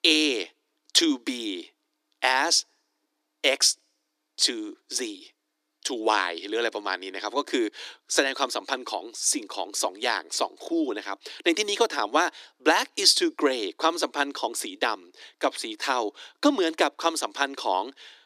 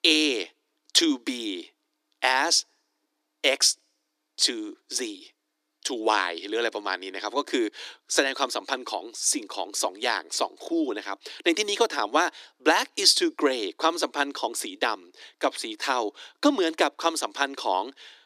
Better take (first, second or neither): neither